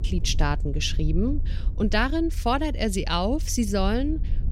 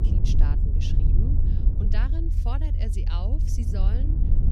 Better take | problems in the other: first | low rumble; loud; throughout; 1 dB below the speech; faint in the first

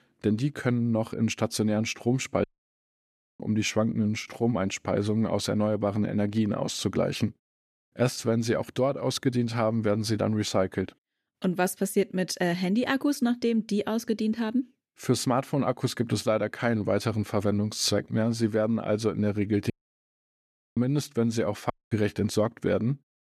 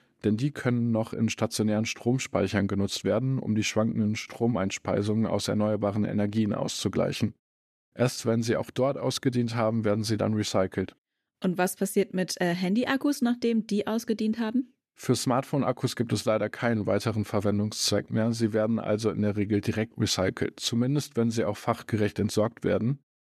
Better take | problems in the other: second | audio cutting out; at 2.5 s for 1 s, at 20 s for 1 s and at 22 s

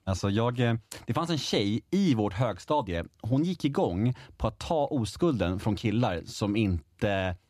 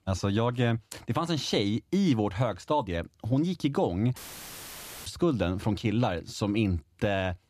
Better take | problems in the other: first | audio cutting out; filled with static; at 4 s for 1 s

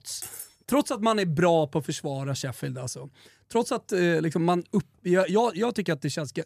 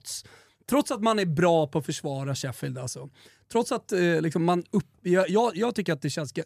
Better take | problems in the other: second | clattering dishes; faint; at the start; peak 10 dB below the speech

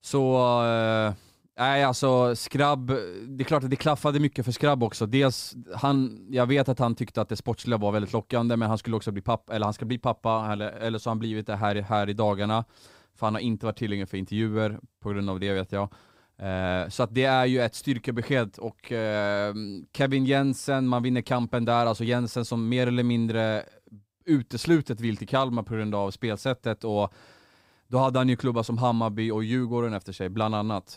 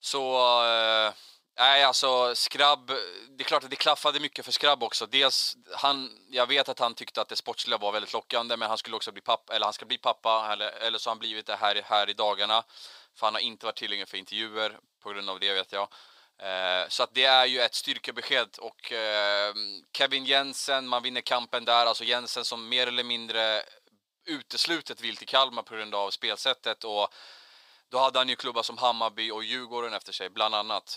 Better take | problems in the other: first | thin; very; fading below 750 Hz

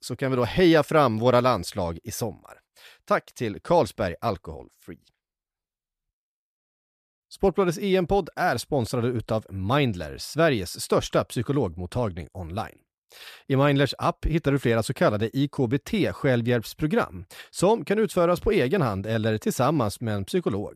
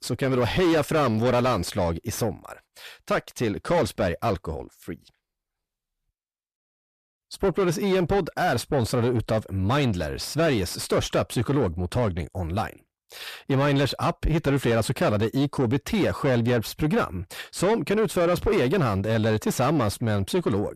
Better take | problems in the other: first | distortion; heavy; 8 dB below the speech

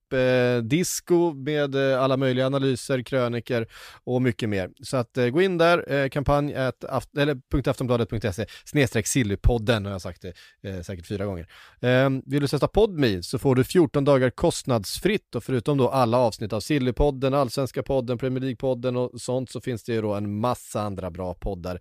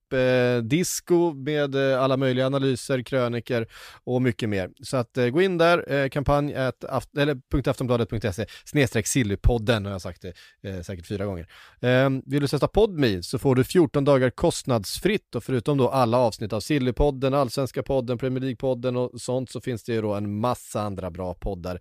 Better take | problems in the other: neither | none

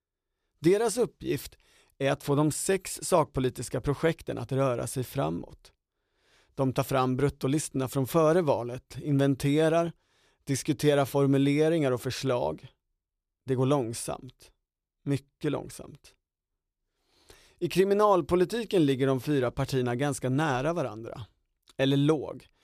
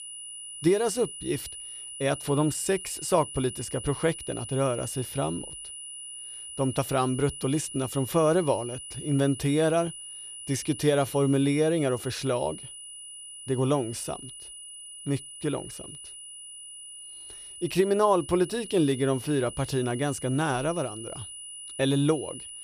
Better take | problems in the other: first | high-pitched whine; noticeable; throughout; 10 kHz, 10 dB below the speech

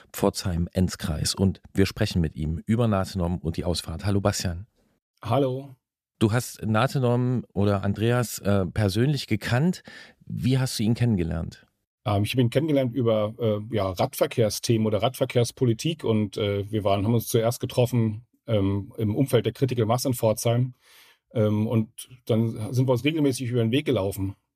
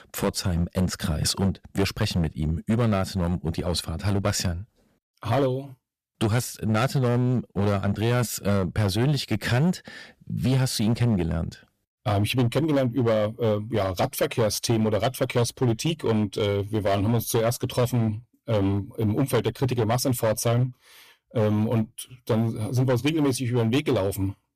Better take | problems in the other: first | distortion; slight; 10% of the sound clipped

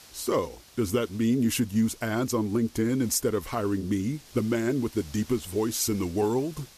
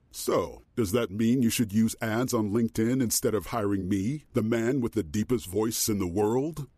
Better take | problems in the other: second | hiss; faint; throughout; 20 dB below the speech

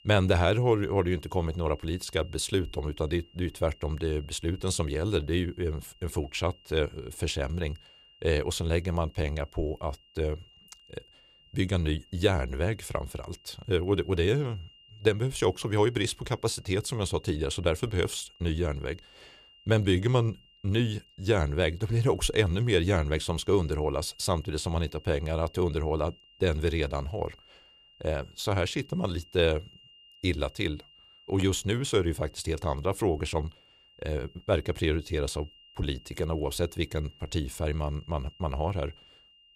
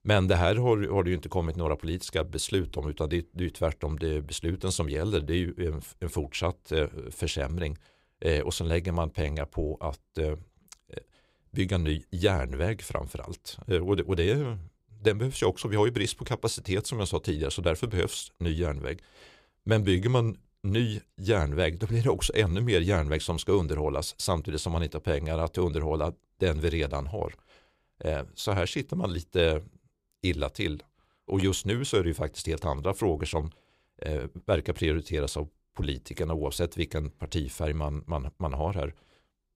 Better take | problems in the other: second | high-pitched whine; faint; throughout; 3 kHz, 25 dB below the speech

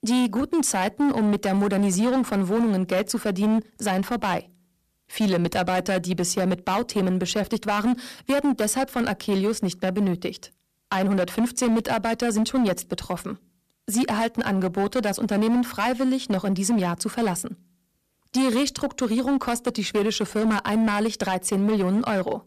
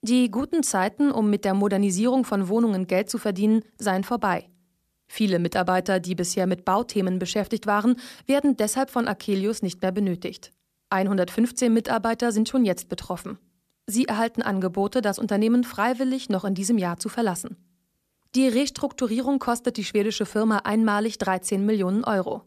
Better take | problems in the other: second | distortion; slight; 14% of the sound clipped

